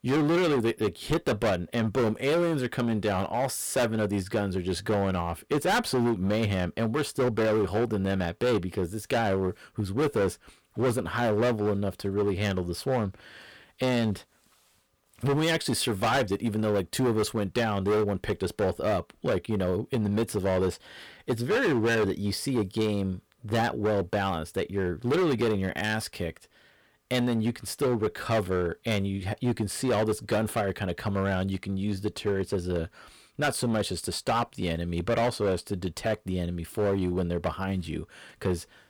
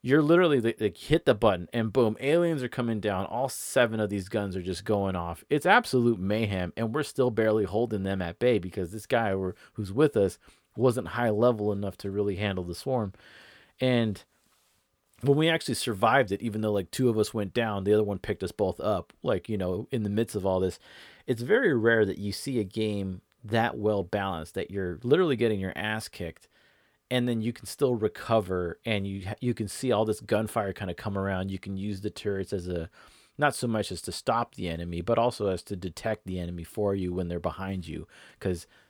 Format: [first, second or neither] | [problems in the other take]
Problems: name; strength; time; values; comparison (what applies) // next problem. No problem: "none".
second | distortion; heavy; 13% of the sound clipped